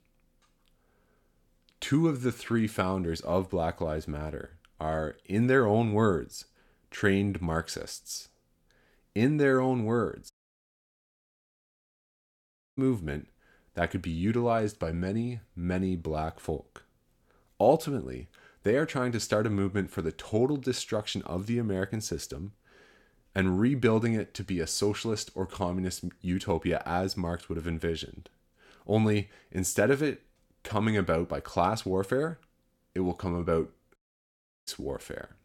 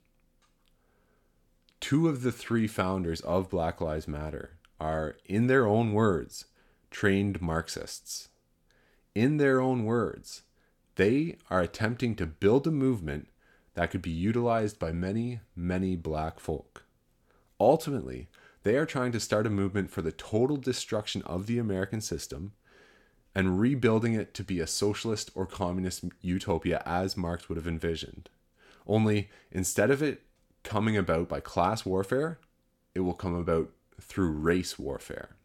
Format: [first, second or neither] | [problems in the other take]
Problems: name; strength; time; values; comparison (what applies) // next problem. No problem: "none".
second | audio cutting out; at 10 s for 2.5 s and at 34 s for 0.5 s